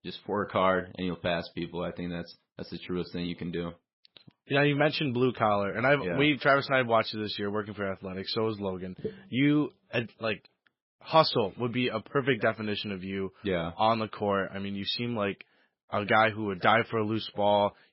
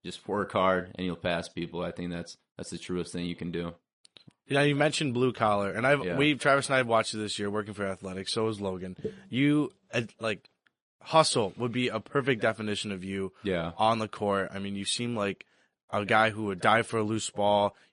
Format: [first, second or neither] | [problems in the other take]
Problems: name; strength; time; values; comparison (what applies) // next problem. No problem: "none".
second | garbled, watery; badly; nothing above 5.5 kHz; slightly in the second